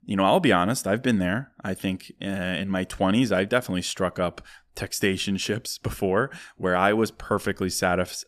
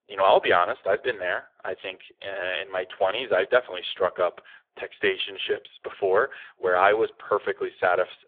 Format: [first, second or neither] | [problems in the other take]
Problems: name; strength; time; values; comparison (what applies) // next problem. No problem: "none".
first | phone-call audio; poor line; nothing above 3.5 kHz